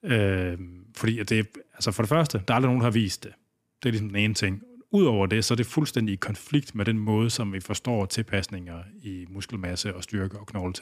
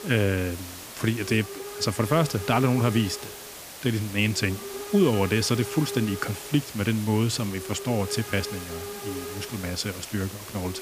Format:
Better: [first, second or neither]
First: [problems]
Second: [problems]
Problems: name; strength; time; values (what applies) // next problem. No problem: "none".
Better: first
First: none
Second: hiss; noticeable; throughout; 10 dB below the speech